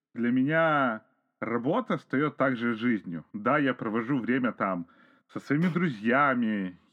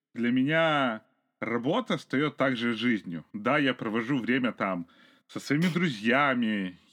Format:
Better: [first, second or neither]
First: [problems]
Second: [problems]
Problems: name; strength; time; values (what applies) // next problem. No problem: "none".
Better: second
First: muffled; slightly; fading above 2 kHz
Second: none